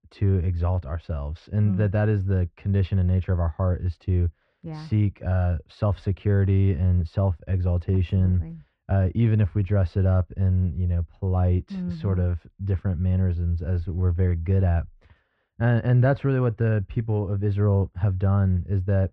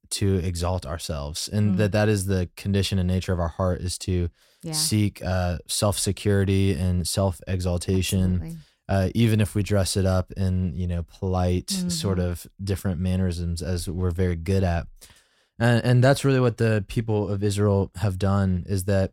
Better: second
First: muffled; very; fading above 2 kHz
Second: none

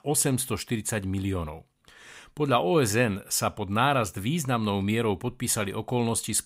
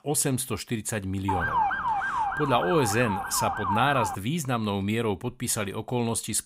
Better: first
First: none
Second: siren; loud; from 1.5 to 4 s; peak 2 dB above the speech

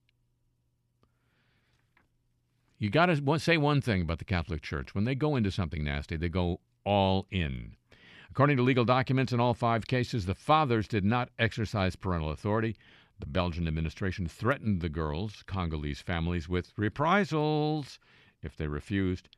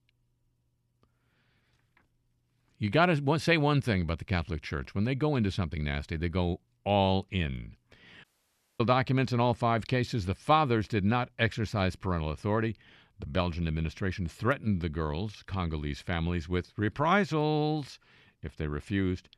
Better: first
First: none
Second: audio cutting out; at 8 s for 0.5 s

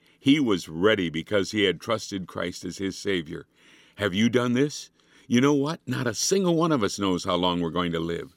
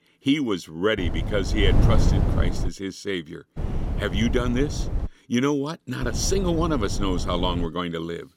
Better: first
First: none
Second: wind noise on the microphone; heavy; from 1 to 2.5 s, from 3.5 to 5 s and from 6 to 7.5 s; 9 dB below the speech

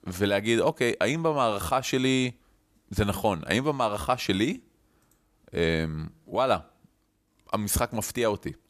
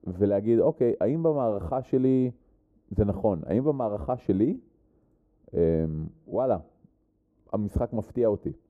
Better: first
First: none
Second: muffled; very; fading above 1 kHz

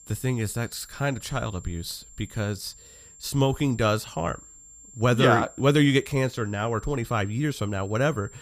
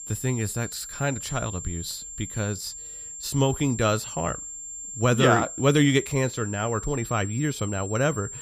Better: first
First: high-pitched whine; faint; throughout; 7.5 kHz, 20 dB below the speech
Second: high-pitched whine; loud; throughout; 7.5 kHz, 9 dB below the speech

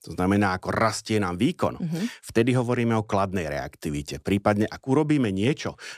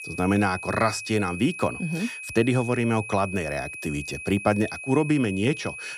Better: first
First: none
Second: high-pitched whine; loud; throughout; 2.5 kHz, 10 dB below the speech

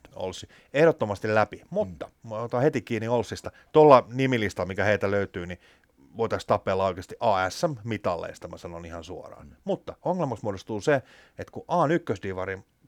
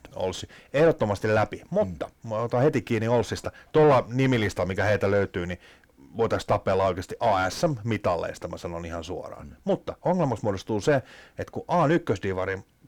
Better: first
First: none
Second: distortion; heavy; 6 dB below the speech

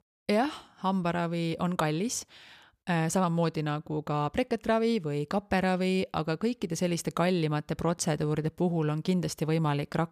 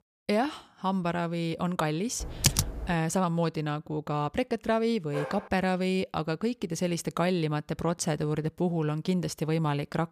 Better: first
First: none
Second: keyboard typing; loud; at 2 s; peak 4 dB above the speech // dog barking; noticeable; at 5 s; peak 8 dB below the speech

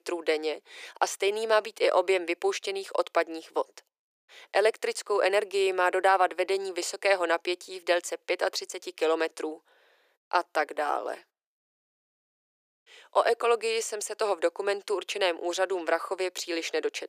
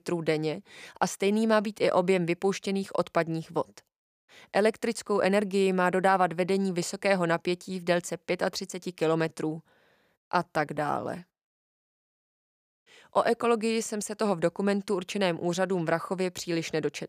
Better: second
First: thin; very; fading below 350 Hz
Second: none

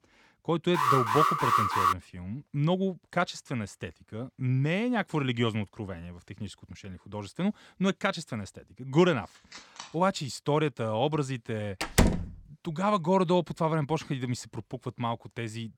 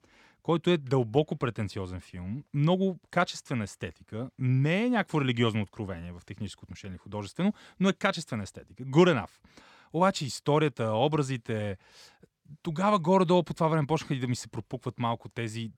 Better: second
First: alarm; loud; from 0.5 to 2 s; peak 6 dB above the speech // phone ringing; faint; at 9.5 s; peak 15 dB below the speech // door banging; loud; at 12 s; peak 5 dB above the speech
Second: none

